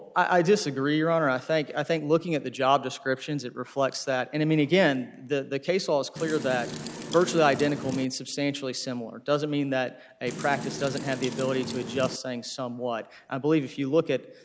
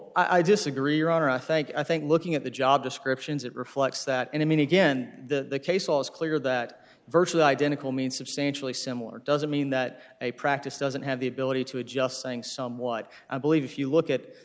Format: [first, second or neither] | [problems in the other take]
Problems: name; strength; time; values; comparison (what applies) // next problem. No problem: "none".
second | background sound (Wind); 9 dB below the speech